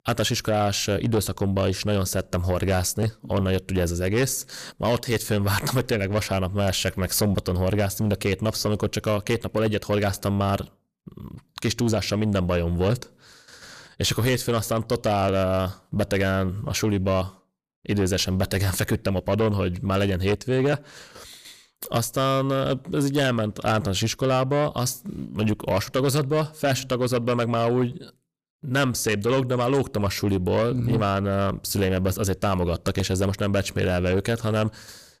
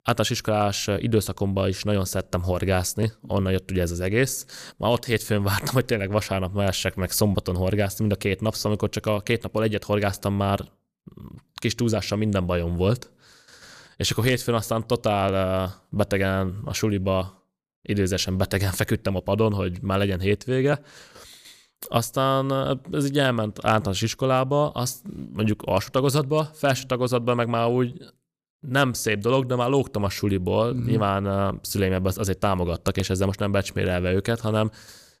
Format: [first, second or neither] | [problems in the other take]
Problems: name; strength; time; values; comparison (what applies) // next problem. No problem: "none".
second | distortion; slight; 10 dB below the speech